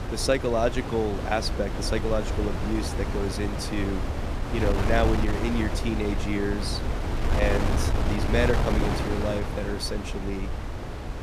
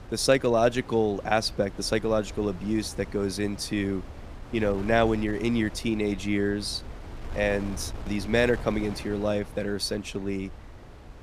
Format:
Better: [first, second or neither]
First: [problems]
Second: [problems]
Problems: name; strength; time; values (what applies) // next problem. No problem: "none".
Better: second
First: wind noise on the microphone; heavy; 4 dB below the speech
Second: wind noise on the microphone; occasional gusts; 20 dB below the speech